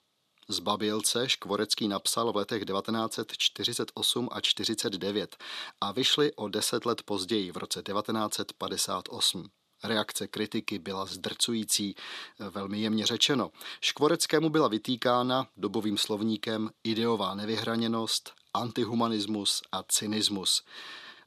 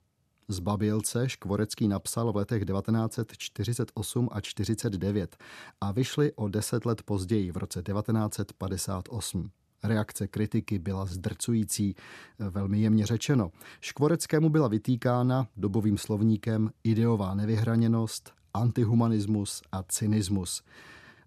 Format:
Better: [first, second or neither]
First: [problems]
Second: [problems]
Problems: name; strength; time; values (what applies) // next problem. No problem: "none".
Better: second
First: thin; somewhat; fading below 300 Hz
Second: none